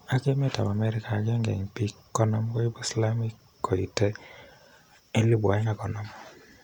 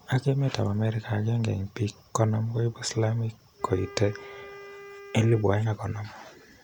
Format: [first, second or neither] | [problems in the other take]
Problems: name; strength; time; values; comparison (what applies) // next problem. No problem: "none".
first | background sound (Wind instrument, woodwind instrument); 19 dB below the speech